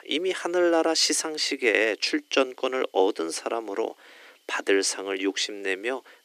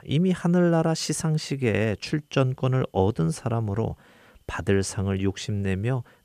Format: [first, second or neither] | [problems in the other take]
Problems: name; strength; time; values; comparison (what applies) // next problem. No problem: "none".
second | thin; very; fading below 300 Hz